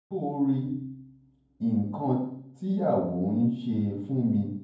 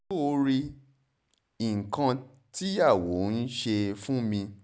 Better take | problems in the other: second | room echo; dies away in 0.9 s

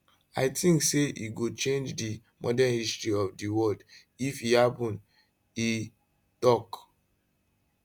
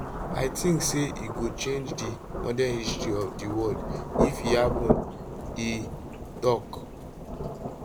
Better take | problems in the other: first | background sound (Rain / Thunderstorm); 1 dB below the speech

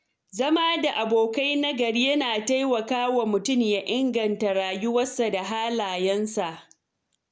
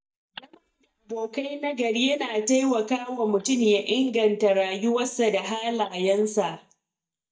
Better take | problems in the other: first | noise reduction (neural mask model DeepFilterNet 3)

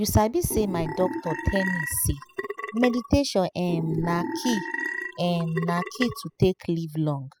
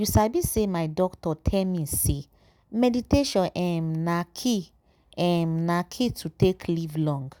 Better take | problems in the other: second | noise reduction (classical method spectral subtraction)

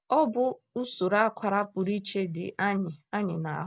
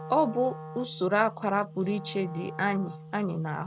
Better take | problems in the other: first | background sound (Wind instrument, woodwind instrument); 13 dB below the speech

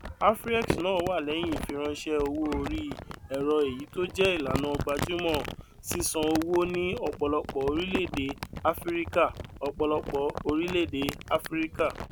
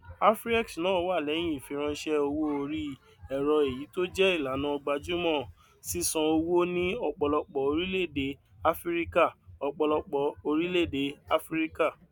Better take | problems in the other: second | background sound (Crumpling, crinkling); 8 dB below the speech

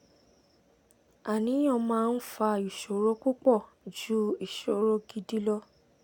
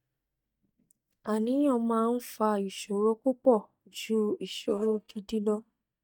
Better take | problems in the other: first | noise reduction (neural mask model DeepFilterNet 3)

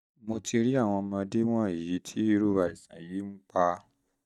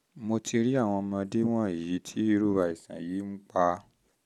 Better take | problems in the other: second | noise reduction (neural mask model DeepFilterNet 3)

